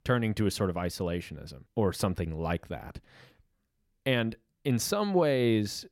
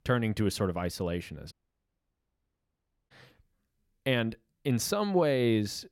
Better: first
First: none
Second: audio cutting out; at 1.5 s for 1.5 s

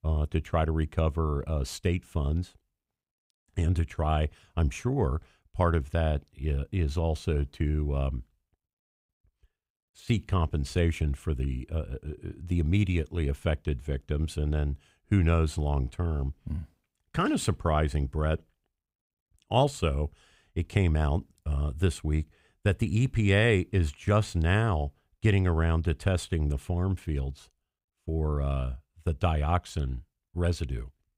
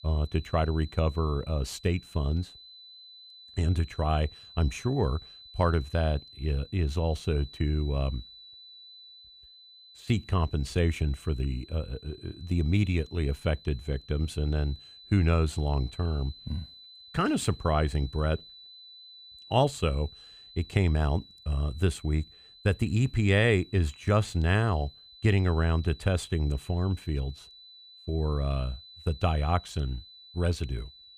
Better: first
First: none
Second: high-pitched whine; noticeable; throughout; 4 kHz, 20 dB below the speech

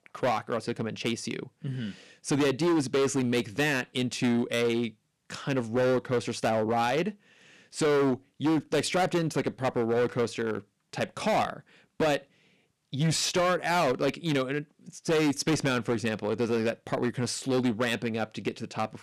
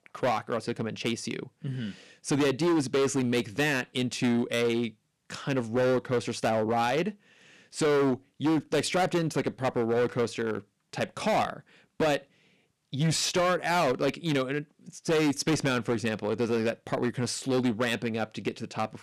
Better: neither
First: distortion; heavy; 12% of the sound clipped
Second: distortion; heavy; 12% of the sound clipped

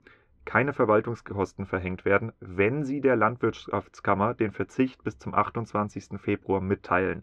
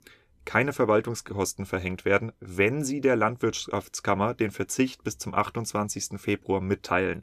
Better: second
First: muffled; very; fading above 2 kHz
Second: none

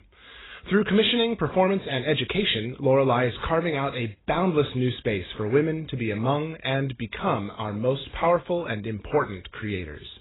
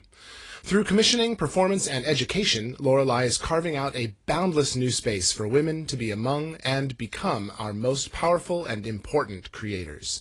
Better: second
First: garbled, watery; badly; nothing above 4 kHz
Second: garbled, watery; slightly

